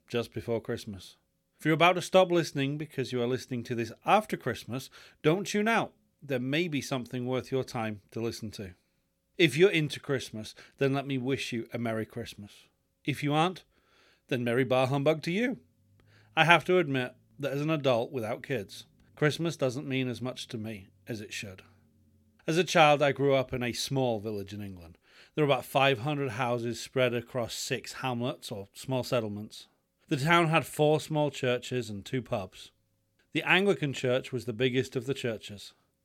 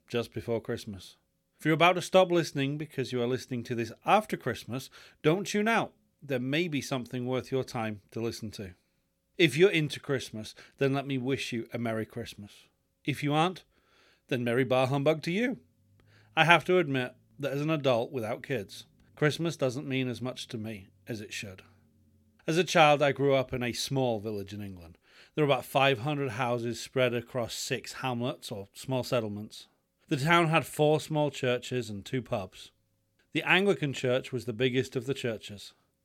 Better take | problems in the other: neither | none

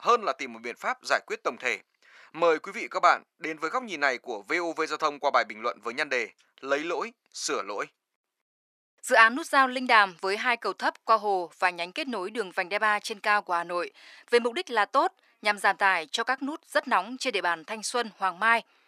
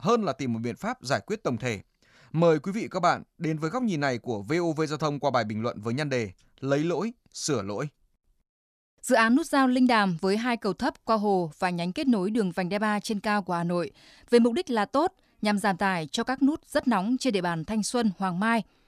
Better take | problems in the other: second | thin; very; fading below 400 Hz

